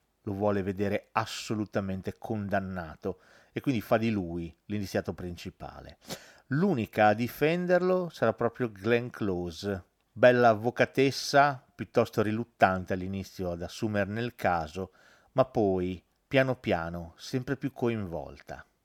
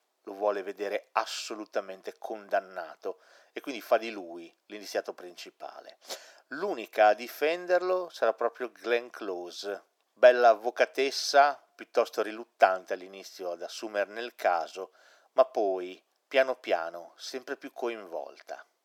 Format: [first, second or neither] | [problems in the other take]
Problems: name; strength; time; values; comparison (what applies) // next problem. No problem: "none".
first | thin; very; fading below 350 Hz